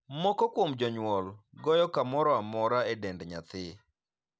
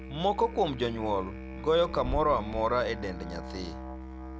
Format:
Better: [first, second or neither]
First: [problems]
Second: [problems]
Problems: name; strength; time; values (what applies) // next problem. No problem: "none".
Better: first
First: none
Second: background sound (Wind / Bird + Musical instrument); 9 dB below the speech